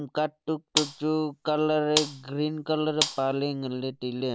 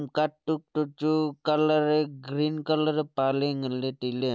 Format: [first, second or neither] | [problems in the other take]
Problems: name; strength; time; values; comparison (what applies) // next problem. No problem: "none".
second | background sound (Gunshot, gunfire); 6 dB below the speech